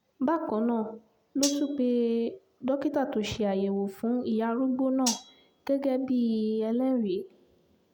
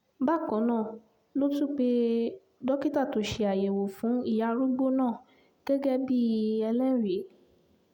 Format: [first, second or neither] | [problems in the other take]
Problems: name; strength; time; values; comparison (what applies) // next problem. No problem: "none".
second | background sound (Cutlery, silverware); 10 dB below the speech